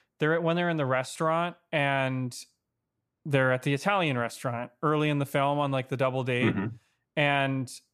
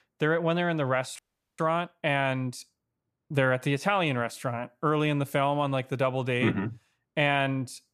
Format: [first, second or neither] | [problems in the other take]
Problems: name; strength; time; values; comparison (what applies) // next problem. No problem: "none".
first | audio freezing; at 1 s